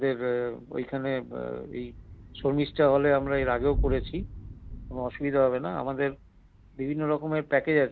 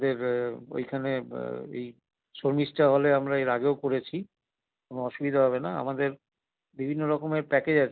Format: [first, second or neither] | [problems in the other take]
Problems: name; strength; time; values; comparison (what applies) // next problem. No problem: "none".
second | background sound (Thunder / Rain); 11 dB below the speech